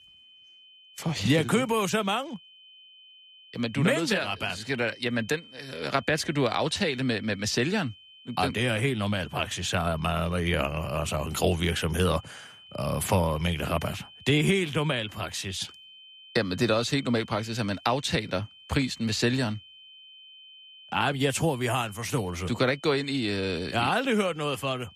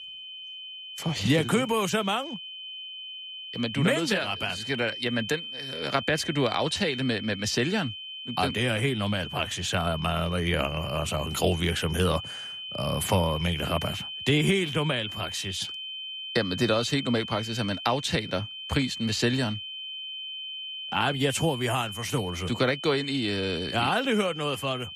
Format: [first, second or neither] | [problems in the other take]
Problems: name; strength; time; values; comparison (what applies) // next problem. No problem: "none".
first | high-pitched whine; loud; throughout; 3 kHz, 8 dB below the speech; faint in the first